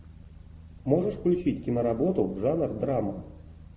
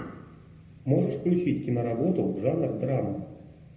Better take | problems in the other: first | room echo; dies away in 0.7 s

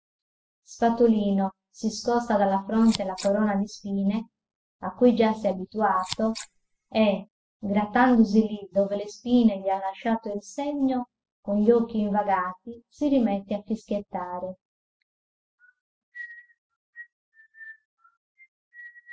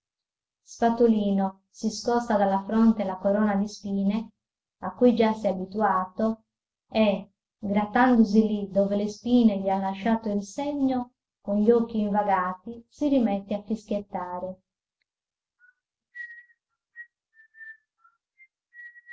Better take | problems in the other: second | noise reduction (classical method spectral subtraction)

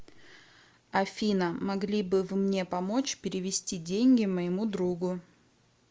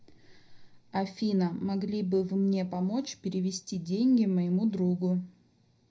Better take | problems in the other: first | room echo; dies away in 0.4 s

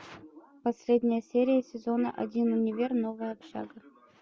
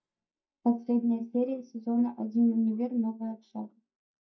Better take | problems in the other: first | noise reduction (neural mask model DeepFilterNet 3)

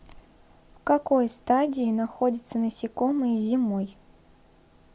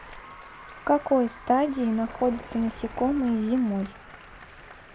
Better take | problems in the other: first | background sound (Applause + Vehicle); 17 dB below the speech

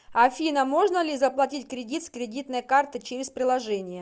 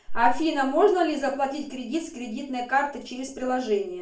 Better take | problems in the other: first | room echo; dies away in 0.4 s

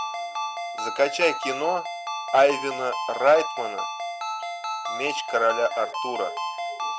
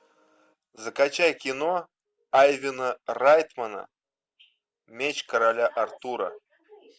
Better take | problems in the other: second | background sound (Ringtone); 5 dB below the speech

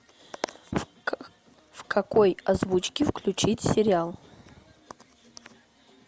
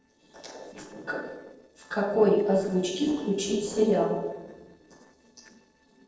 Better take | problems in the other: first | noise reduction (neural separator model SepFormer DNS4)

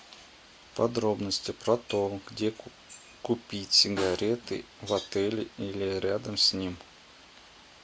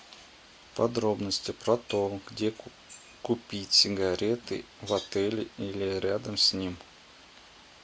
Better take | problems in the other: second | background sound (Snare drum); 15 dB below the speech

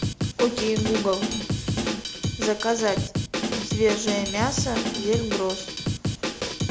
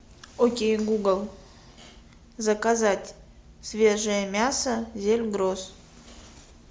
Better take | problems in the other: second | background sound (Drum kit); 1 dB below the speech

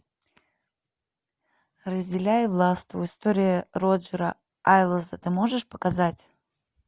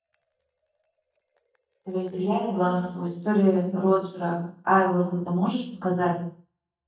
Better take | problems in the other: first | noise reduction (neural mask model DeepFilterNet 3)

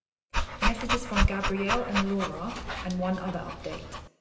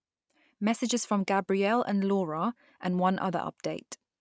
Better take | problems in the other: second | background sound (Dog); 2 dB above the speech // room echo; dies away in 0.8 s

